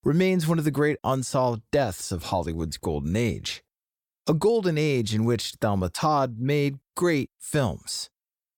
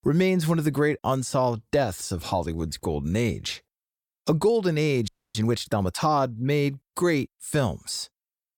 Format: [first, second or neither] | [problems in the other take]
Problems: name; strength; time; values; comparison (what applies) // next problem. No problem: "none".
first | audio freezing; at 5 s